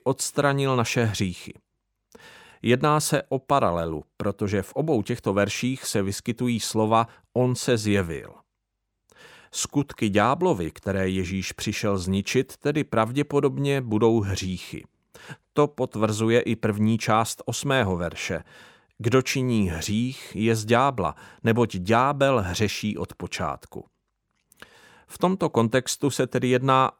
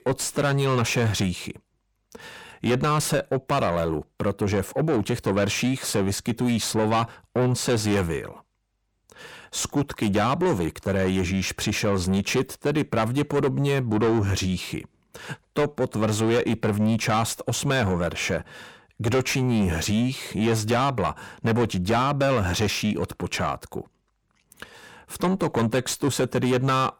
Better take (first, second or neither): first